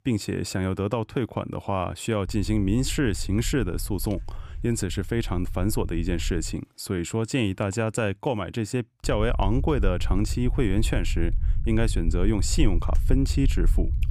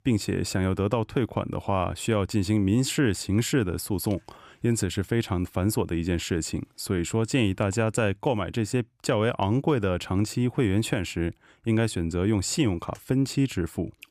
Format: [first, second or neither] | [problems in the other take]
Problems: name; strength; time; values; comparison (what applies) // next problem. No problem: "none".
second | low rumble; faint; from 2.5 to 6.5 s and from 9 s on; 20 dB below the speech